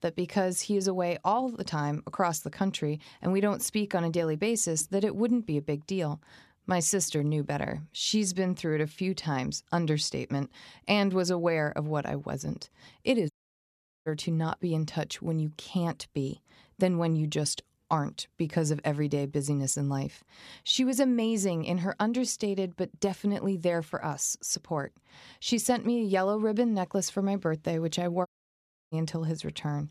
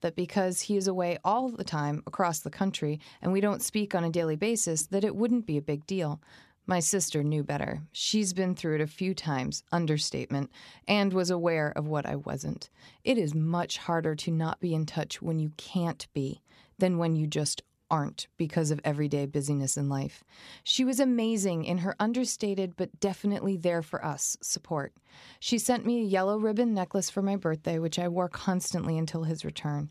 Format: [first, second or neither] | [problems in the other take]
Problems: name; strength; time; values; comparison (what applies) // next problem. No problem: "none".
second | audio cutting out; at 13 s for 1 s and at 28 s for 0.5 s